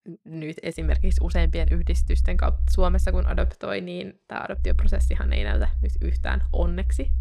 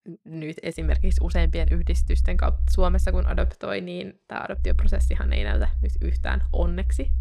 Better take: neither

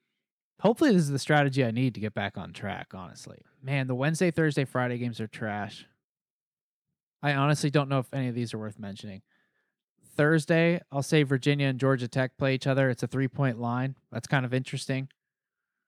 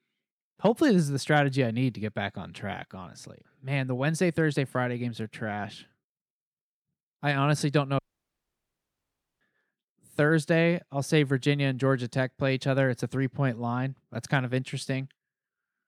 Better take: first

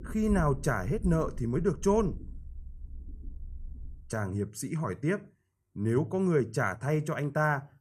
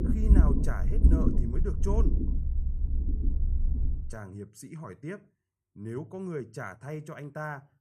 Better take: first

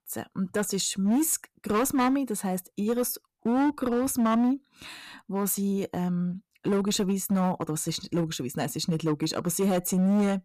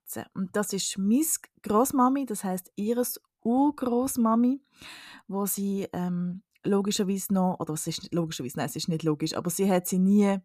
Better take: second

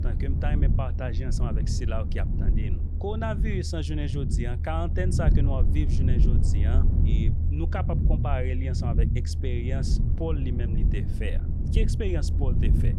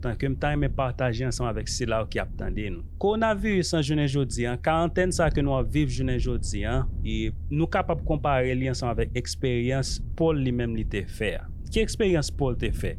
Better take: second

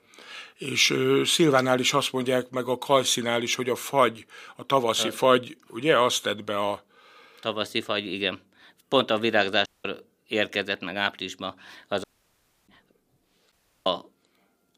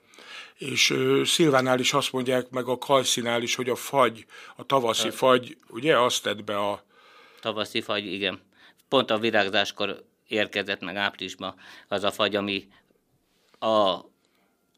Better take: second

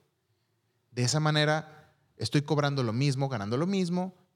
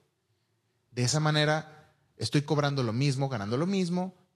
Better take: first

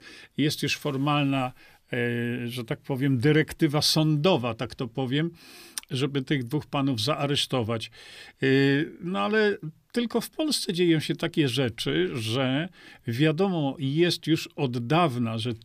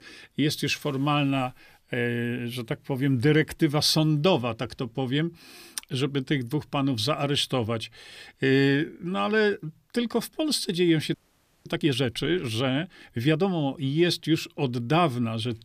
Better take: first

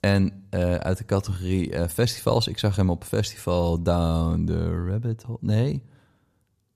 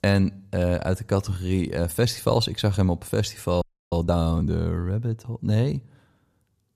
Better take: first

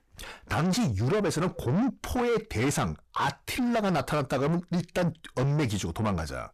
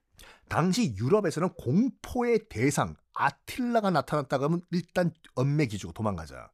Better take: second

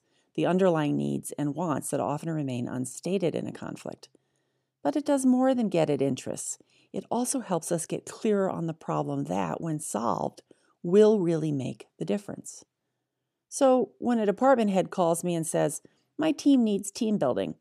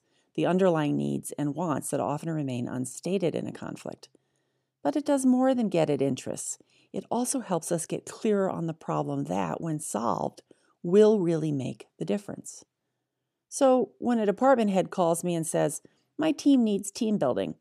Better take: neither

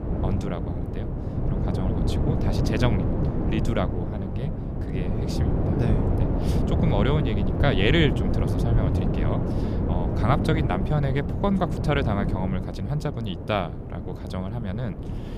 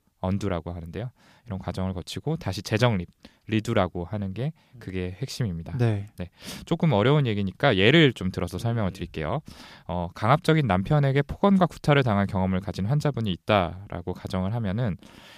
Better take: second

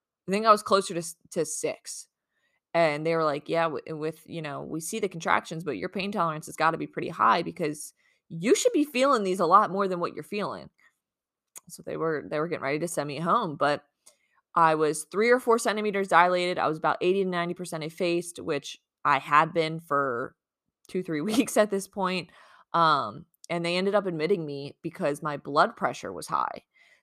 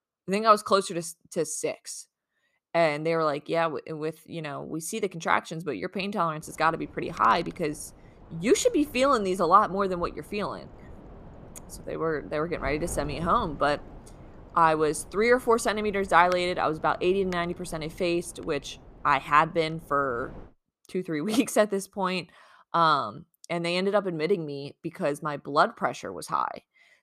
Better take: first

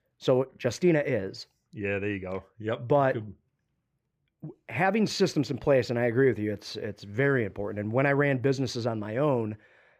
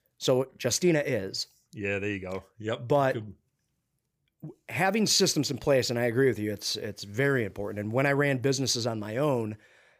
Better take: second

